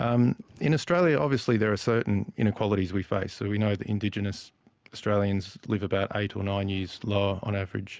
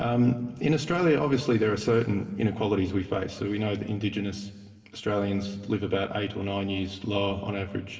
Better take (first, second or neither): first